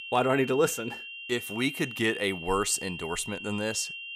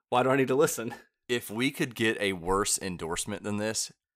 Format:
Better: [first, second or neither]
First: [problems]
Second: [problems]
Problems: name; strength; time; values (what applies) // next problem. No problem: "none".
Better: second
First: high-pitched whine; loud; throughout; 3 kHz, 9 dB below the speech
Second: none